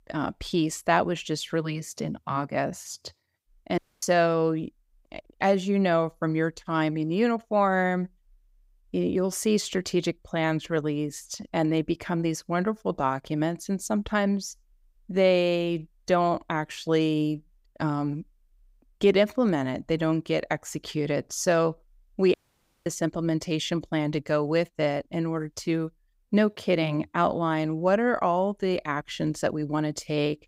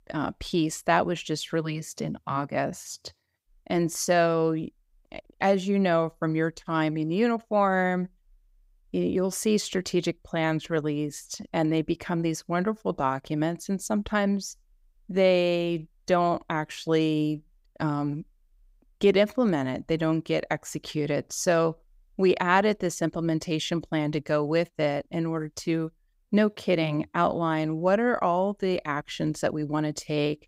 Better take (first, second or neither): second